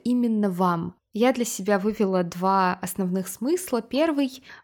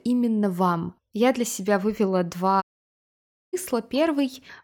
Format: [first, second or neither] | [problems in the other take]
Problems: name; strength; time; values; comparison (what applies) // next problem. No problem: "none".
first | audio cutting out; at 2.5 s for 1 s